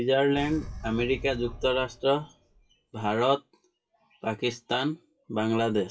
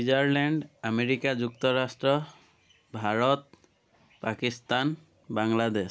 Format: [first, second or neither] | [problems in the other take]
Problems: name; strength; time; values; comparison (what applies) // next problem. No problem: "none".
second | noise reduction (classical method WPE with log-MMSE)